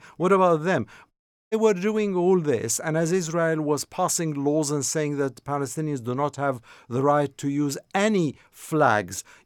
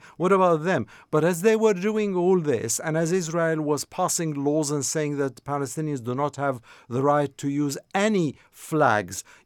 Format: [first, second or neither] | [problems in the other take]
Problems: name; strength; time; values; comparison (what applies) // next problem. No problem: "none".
second | audio cutting out; at 1 s